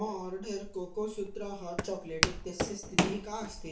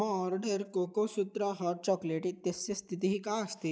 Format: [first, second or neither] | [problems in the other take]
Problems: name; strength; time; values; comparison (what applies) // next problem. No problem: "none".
second | background sound (Walk, footsteps); 2 dB above the speech // room echo; dies away in 0.3 s